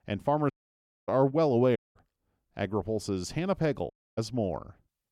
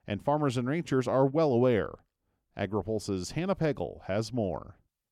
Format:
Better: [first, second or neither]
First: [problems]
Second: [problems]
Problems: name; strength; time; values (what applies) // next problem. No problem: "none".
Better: second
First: audio cutting out; at 0.5 s for 0.5 s, at 2 s and at 4 s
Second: none